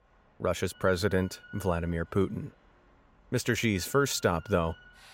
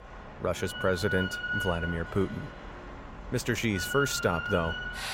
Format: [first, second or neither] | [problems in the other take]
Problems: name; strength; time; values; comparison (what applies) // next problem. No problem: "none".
first | machinery noise; loud; throughout; 6 dB below the speech; faint in the first